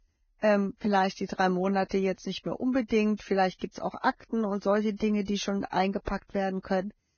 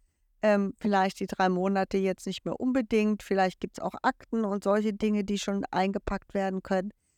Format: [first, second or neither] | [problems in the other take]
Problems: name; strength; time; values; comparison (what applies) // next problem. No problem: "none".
second | garbled, watery; badly; nothing above 6.5 kHz